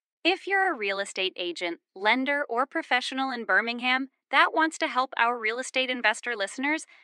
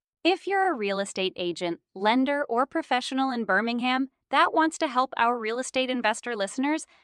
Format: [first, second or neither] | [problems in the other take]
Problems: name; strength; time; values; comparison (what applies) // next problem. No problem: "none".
second | thin; very slightly; fading below 250 Hz